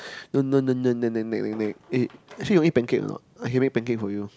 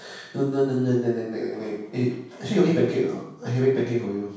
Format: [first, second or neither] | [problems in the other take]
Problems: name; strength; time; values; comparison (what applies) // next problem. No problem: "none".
first | room echo; dies away in 0.7 s